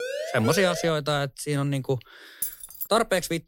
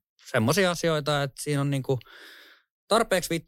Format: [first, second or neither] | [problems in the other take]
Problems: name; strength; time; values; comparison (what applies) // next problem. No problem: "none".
second | siren; noticeable; at the start; peak 5 dB below the speech // jangling keys; noticeable; at 2.5 s; peak 6 dB below the speech